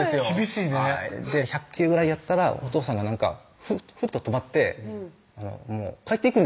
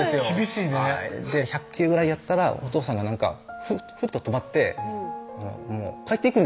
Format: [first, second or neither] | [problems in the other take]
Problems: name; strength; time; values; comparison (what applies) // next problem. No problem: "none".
first | background sound (Piano + Piano); 15 dB below the speech